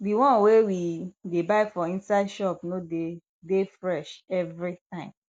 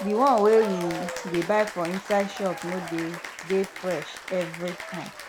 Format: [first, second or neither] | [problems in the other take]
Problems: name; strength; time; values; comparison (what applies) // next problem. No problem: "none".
first | background sound (Applause / Cheering); 10 dB below the speech